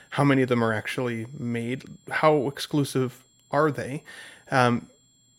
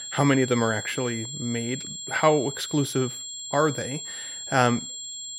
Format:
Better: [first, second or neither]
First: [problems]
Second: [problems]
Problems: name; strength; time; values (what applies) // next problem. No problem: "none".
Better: first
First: high-pitched whine; faint; throughout; 7.5 kHz, 35 dB below the speech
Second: high-pitched whine; loud; throughout; 7.5 kHz, 8 dB below the speech